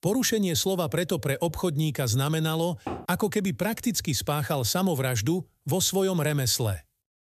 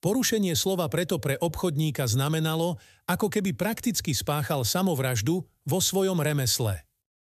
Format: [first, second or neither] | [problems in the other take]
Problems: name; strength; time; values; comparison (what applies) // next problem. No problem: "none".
second | door banging; faint; at 3 s; peak 10 dB below the speech